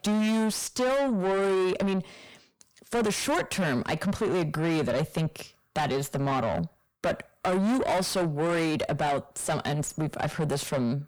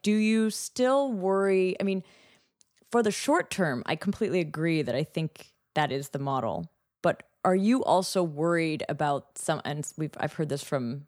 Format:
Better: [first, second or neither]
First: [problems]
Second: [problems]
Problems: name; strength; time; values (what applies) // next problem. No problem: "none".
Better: second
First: distortion; heavy; 5 dB below the speech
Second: none